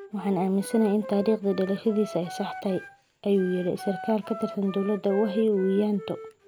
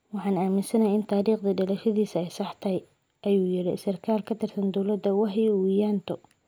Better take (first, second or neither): second